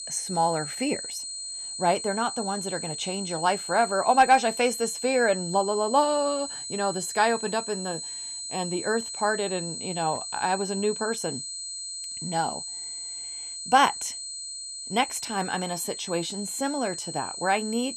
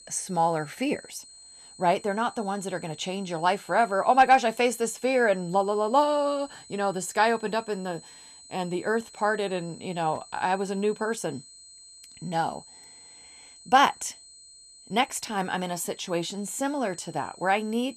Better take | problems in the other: second | high-pitched whine; loud; throughout; 8 kHz, 7 dB below the speech; faint in the second

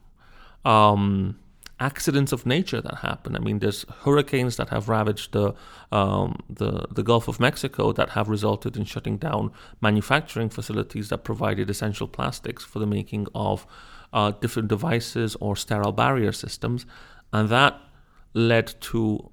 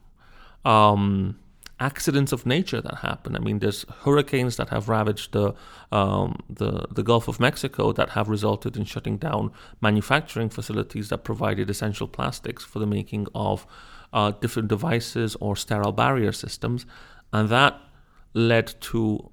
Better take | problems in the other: neither | none

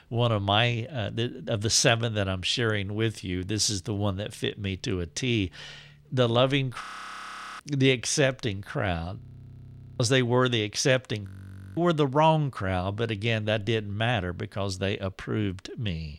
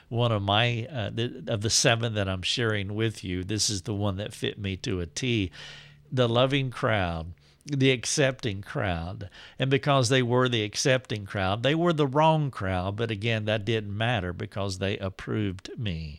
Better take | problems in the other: second | audio freezing; at 7 s for 1 s, at 9 s for 1 s and at 11 s for 0.5 s

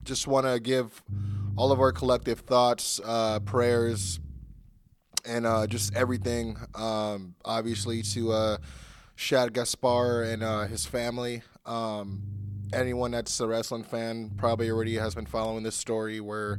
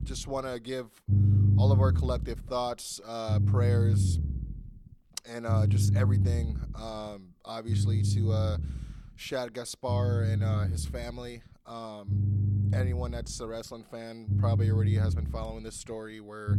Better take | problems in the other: first | low rumble; loud; throughout; 4 dB below the speech; faint in the first

